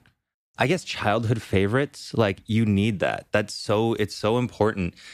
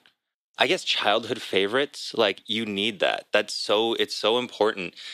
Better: first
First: none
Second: thin; somewhat; fading below 400 Hz

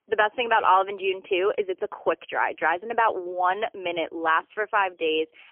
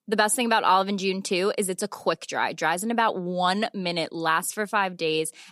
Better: second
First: phone-call audio; poor line; nothing above 3 kHz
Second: none

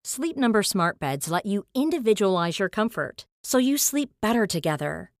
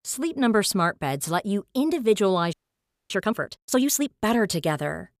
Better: first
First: none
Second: audio freezing; at 2.5 s for 0.5 s

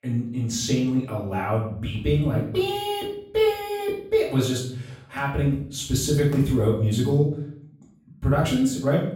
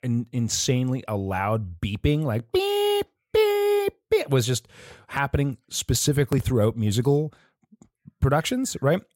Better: second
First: off-mic speech; far // room echo; noticeable; dies away in 0.6 s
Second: none

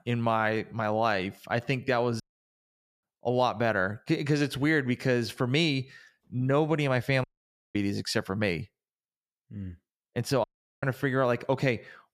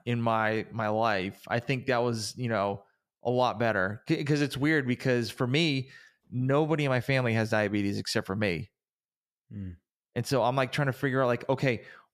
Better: second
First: audio cutting out; at 2 s for 1 s, at 7 s for 0.5 s and at 10 s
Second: none

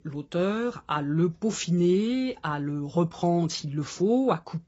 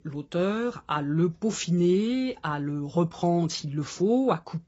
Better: neither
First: garbled, watery; badly; nothing above 7.5 kHz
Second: garbled, watery; badly; nothing above 7.5 kHz

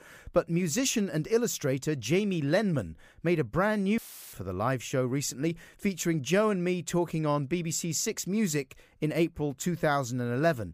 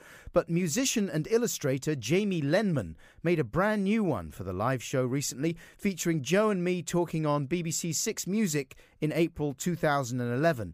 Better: second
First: audio cutting out; filled with static; at 4 s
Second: none

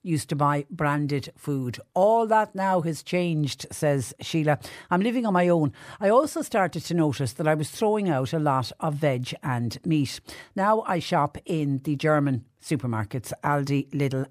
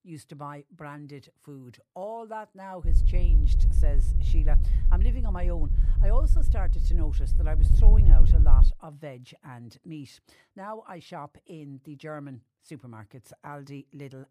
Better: first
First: none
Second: wind noise on the microphone; heavy; from 3 to 8.5 s; 4 dB below the speech

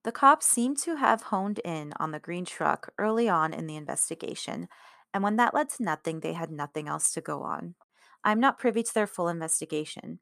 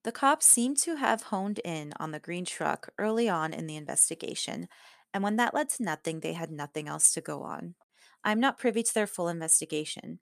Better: second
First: muffled; slightly; fading above 2 kHz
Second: none

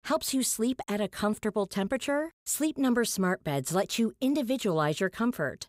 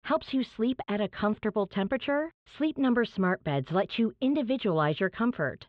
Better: first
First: none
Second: muffled; very; fading above 3.5 kHz

